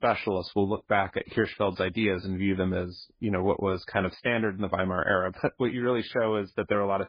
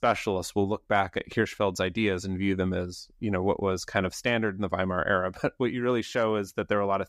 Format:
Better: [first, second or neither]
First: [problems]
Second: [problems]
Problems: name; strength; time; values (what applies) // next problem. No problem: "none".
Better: second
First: garbled, watery; badly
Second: none